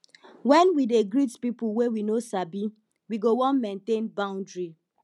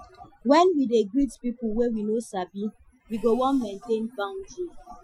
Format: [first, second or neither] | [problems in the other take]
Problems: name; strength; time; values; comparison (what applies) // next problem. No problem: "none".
first | noise reduction (classical method Wiener filter)